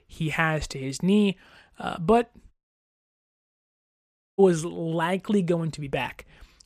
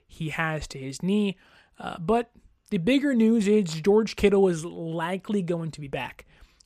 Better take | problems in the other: second | audio cutting out; at 2.5 s for 2 s

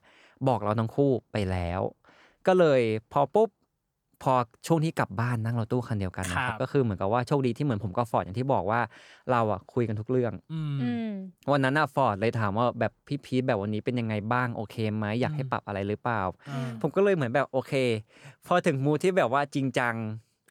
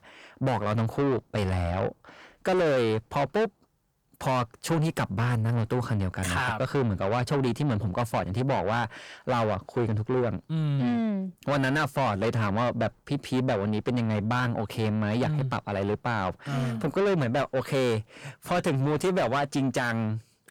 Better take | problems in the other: first | distortion; heavy; 6 dB below the speech

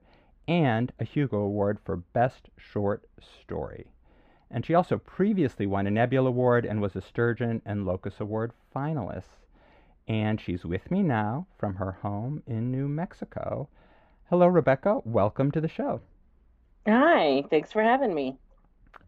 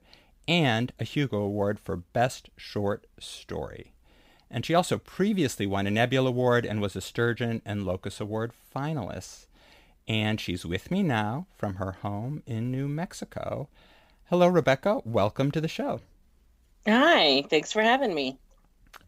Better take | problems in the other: second | muffled; very; fading above 3.5 kHz

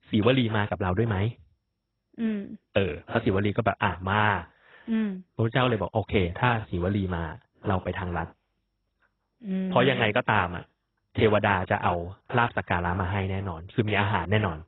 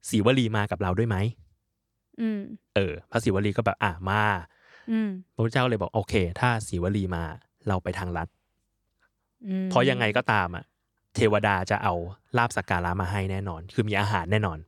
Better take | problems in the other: second | garbled, watery; badly; nothing above 3.5 kHz

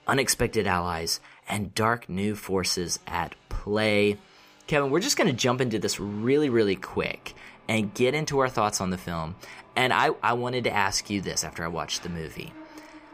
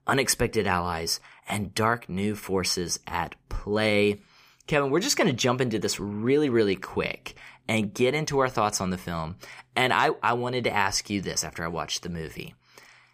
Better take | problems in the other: second | machinery noise; faint; throughout; 25 dB below the speech

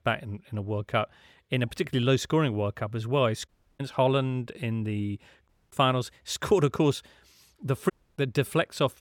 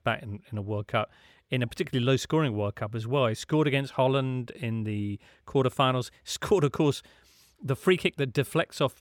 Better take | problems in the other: second | audio cutting out; at 3.5 s, at 5.5 s and at 8 s

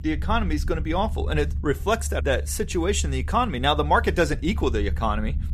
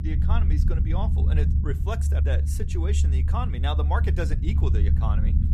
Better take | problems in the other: first | low rumble; loud; throughout; 5 dB below the speech; faint in the first

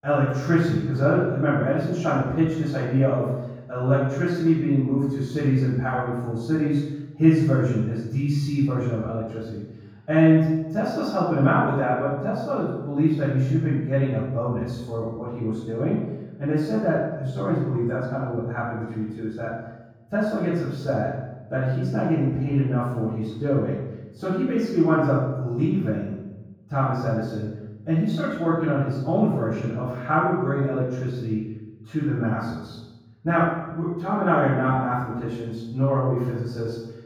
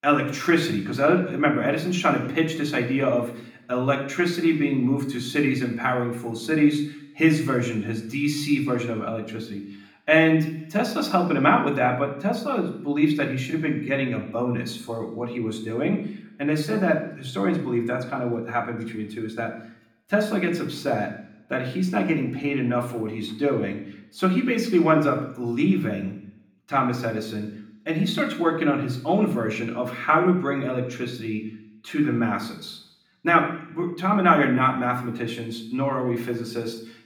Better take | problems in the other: second | room echo; strong; dies away in 1.3 s; slight in the second // off-mic speech; far; somewhat distant in the second

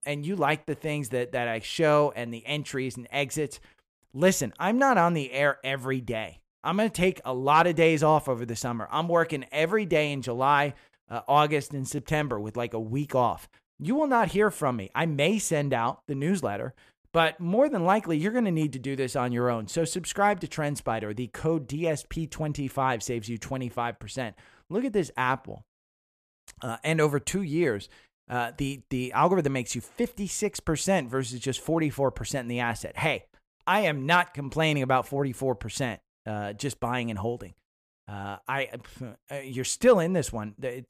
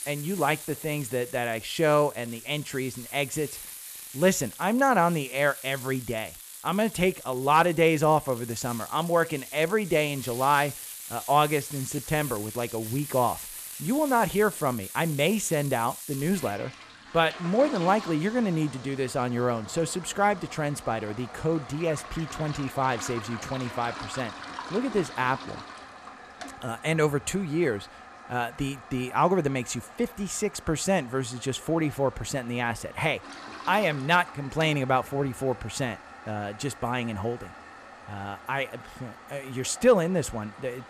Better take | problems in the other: first | household noises; noticeable; throughout; 15 dB below the speech

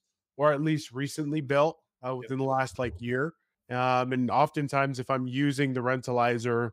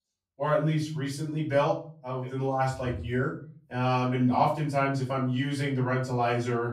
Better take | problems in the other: first | off-mic speech; far // room echo; slight; dies away in 0.4 s

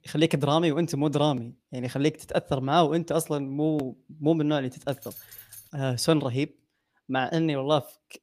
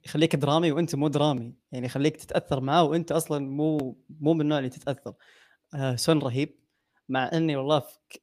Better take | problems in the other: second | jangling keys; faint; at 5 s; peak 15 dB below the speech

